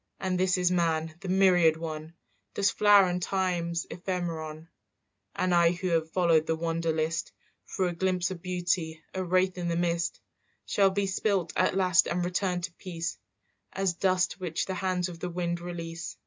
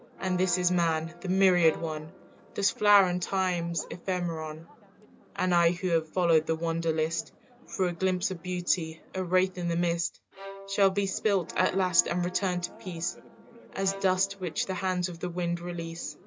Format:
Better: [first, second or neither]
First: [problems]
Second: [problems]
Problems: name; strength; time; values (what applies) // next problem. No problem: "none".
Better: first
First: none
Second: background sound (Church bell + Bowed string instrument); 18 dB below the speech